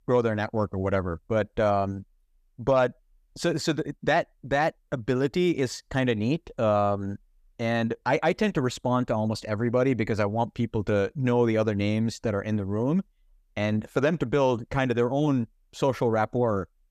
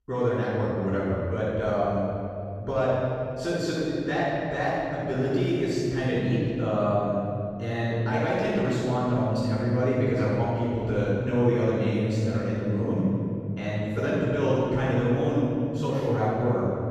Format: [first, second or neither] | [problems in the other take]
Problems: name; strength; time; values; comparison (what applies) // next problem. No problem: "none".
first | room echo; strong; dies away in 2.9 s // off-mic speech; far